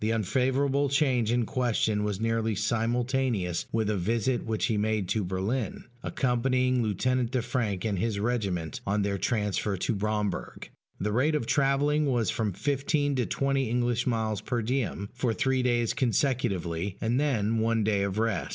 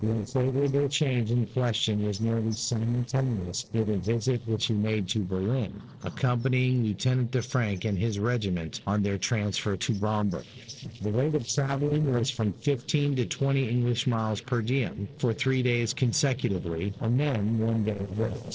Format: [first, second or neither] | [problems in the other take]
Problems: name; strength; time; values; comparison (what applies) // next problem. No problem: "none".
first | noise reduction (neural separator model SepFormer DNS4)